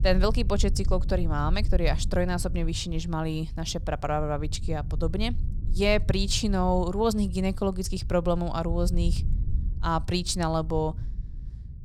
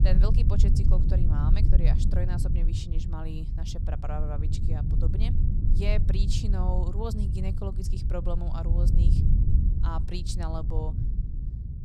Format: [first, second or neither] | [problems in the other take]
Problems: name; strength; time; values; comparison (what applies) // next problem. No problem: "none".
first | low rumble; loud; throughout; 3 dB below the speech; faint in the first